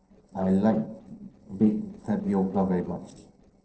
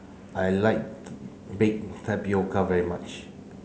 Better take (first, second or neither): second